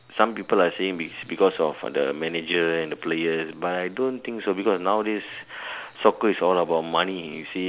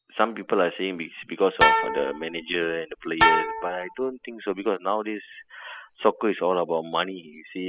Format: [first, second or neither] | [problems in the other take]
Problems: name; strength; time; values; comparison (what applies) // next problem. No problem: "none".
first | noise reduction (classical method spectral subtraction)